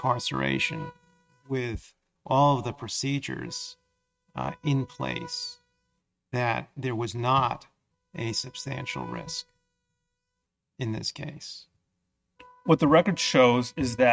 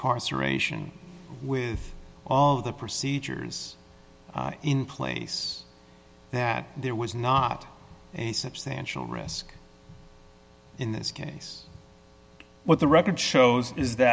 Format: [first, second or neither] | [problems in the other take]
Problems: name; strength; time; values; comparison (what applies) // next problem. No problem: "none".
second | noise reduction (neural mask model RNNoise)